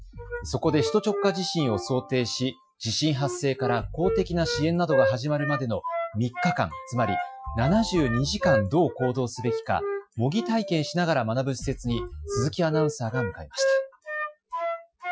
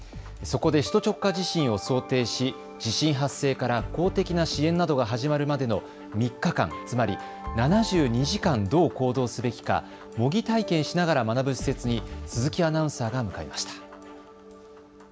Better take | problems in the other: second | noise reduction (classical method Wiener filter)

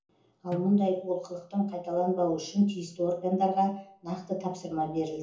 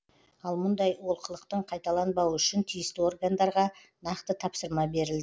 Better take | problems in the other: second | background sound (Snare drum); 18 dB below the speech // room echo; dies away in 0.6 s

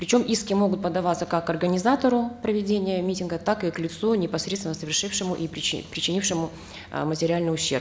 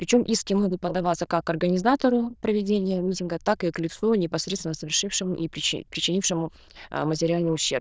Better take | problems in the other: first | noise reduction (neural diffusion model UNIVERSE++)

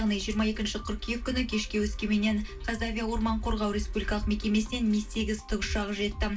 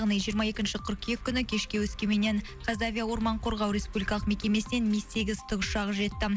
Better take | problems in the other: second | room echo; dies away in 0.2 s

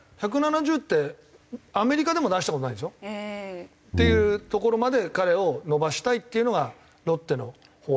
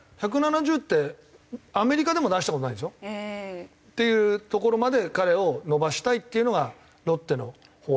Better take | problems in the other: second | background sound (Brass instrument); 1 dB below the speech

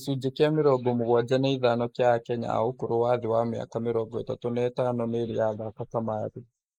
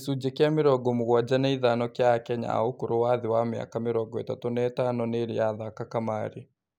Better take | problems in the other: second | noise reduction (neural mask model Resemble Enhance denoiser)

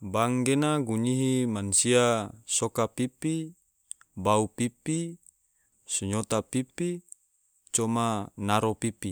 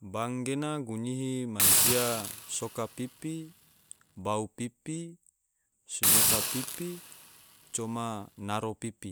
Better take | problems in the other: first | background sound (Hiss); 5 dB above the speech

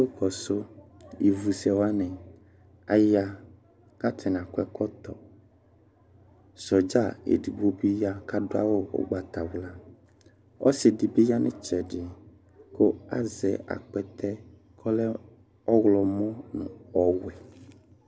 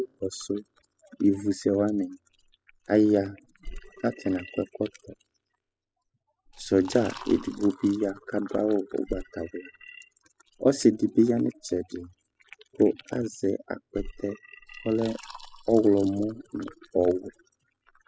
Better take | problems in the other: first | noise reduction (classical method spectral subtraction)

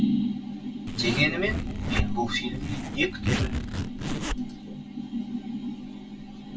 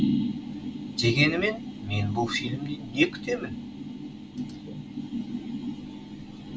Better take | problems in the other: second | background sound (Zipper (clothing)); 1 dB below the speech // room echo; dies away in 2.7 s

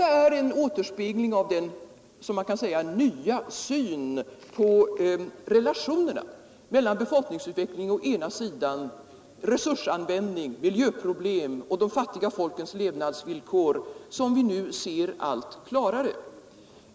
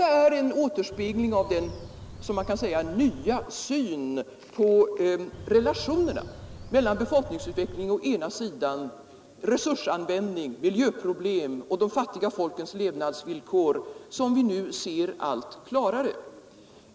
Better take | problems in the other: first | background sound (Bird); 14 dB below the speech

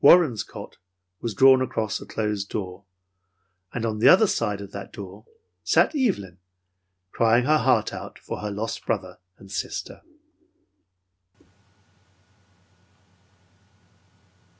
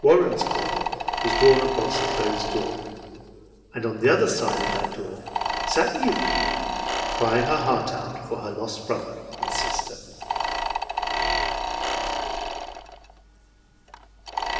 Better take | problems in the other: first | background sound (Mechanisms); 2 dB below the speech // room echo; dies away in 2.7 s

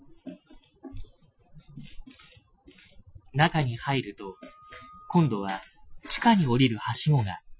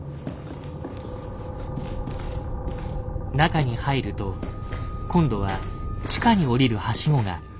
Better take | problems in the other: second | noise reduction (classical method Wiener filter)

